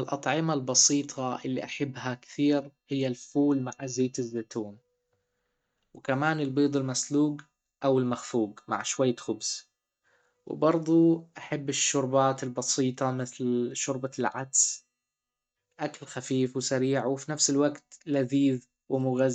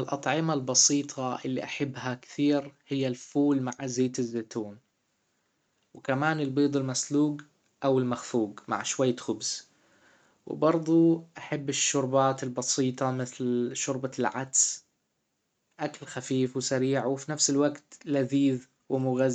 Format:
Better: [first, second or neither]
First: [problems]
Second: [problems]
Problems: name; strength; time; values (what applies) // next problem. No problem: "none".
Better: second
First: noise reduction (neural mask model DeepFilterNet 3)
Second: none